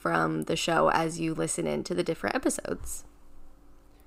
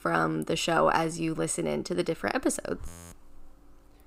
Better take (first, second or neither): first